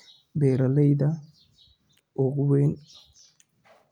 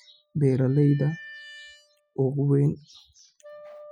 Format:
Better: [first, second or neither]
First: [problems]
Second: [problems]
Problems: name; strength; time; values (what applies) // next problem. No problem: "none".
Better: first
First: none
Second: noise reduction (classical method spectral subtraction)